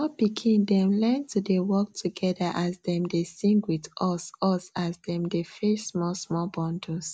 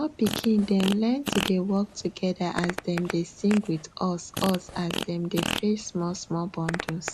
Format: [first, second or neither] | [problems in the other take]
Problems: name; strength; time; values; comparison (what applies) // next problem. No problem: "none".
first | background sound (Fart); 8 dB below the speech